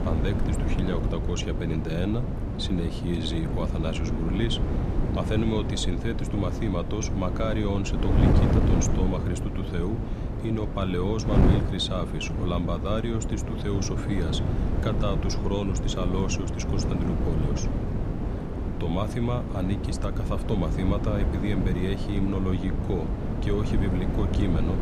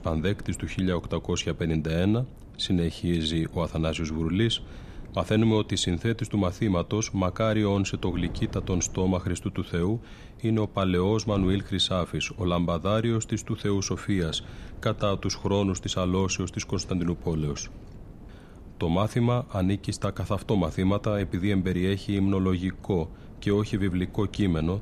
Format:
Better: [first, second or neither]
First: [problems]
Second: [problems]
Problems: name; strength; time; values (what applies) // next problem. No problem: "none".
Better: second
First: wind noise on the microphone; heavy; 3 dB below the speech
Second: wind noise on the microphone; occasional gusts; 20 dB below the speech